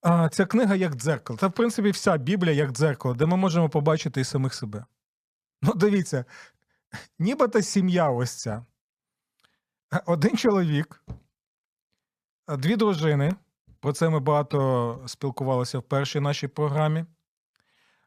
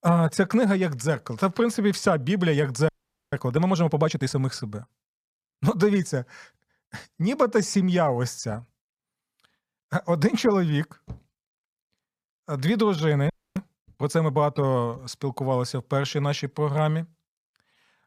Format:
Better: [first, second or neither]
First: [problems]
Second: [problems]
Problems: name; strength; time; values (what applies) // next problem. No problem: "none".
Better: first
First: none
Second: audio freezing; at 3 s and at 13 s